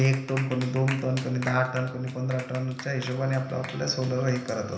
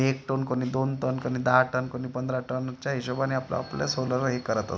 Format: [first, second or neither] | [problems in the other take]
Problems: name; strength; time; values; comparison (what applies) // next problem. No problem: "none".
second | background sound (Clapping); 15 dB below the speech // room echo; dies away in 0.8 s